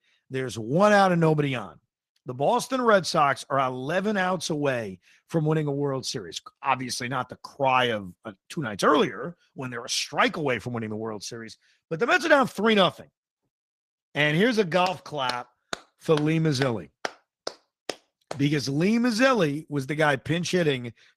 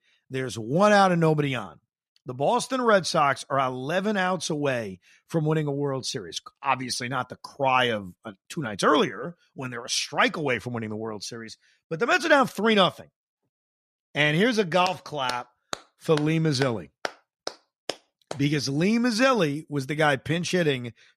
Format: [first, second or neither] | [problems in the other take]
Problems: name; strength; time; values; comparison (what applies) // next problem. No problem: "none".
second | garbled, watery; slightly; nothing above 14.5 kHz